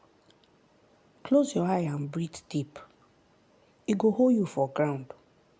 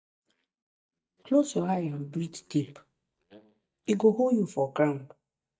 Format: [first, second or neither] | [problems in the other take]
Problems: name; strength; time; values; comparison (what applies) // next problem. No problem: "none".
first | noise reduction (neural mask model DeepFilterNet 3)